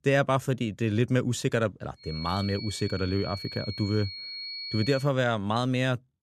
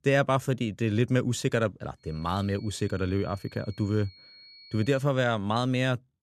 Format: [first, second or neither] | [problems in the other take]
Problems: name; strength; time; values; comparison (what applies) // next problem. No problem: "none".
second | high-pitched whine; loud; from 2 to 5 s; 4.5 kHz, 9 dB below the speech; faint in the second